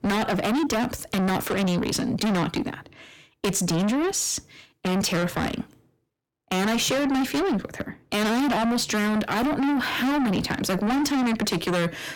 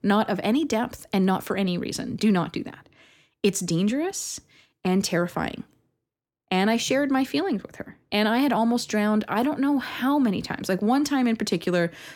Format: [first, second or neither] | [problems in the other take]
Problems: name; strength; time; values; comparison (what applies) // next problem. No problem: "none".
second | distortion; heavy; 6 dB below the speech